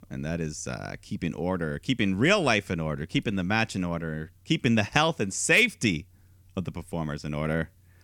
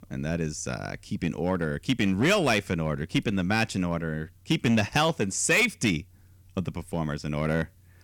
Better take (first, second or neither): first